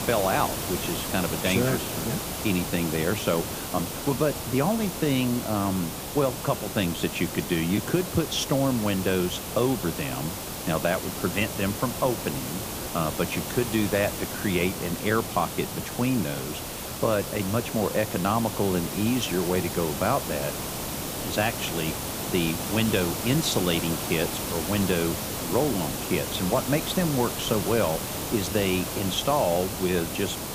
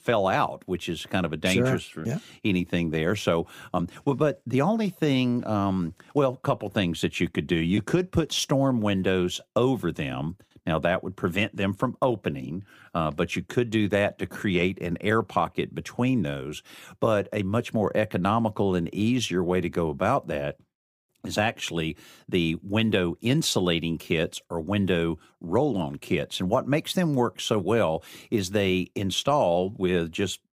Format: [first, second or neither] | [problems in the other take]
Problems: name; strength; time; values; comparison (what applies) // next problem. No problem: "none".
second | hiss; loud; throughout; 4 dB below the speech